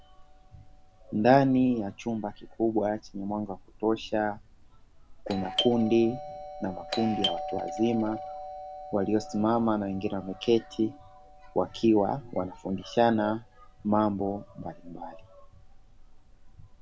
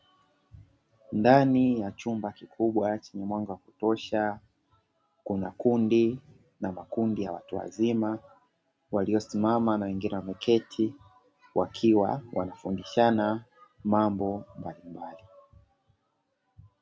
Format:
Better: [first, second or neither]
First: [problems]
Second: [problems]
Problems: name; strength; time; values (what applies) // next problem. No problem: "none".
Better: second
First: background sound (Doorbell); 12 dB below the speech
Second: none